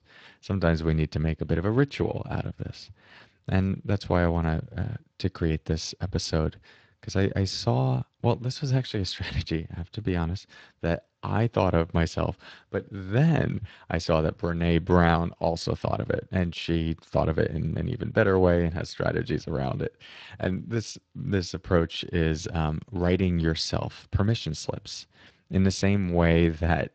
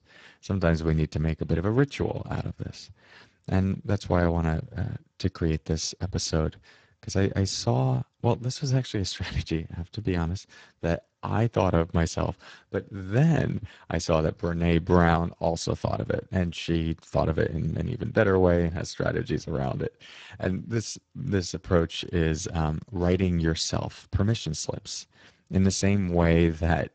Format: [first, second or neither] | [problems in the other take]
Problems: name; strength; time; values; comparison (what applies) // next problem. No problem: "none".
first | garbled, watery; badly; nothing above 7.5 kHz; slightly in the first